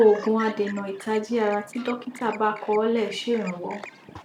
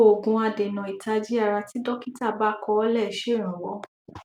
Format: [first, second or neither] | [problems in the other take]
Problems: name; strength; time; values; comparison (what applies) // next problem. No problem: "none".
second | background sound (Chirp, tweet); 18 dB below the speech